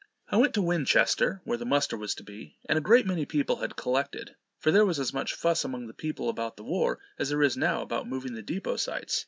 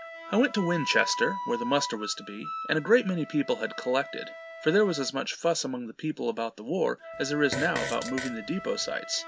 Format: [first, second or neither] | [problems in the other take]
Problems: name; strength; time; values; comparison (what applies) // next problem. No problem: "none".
first | background sound (Fart + Wind instrument, woodwind instrument); 10 dB below the speech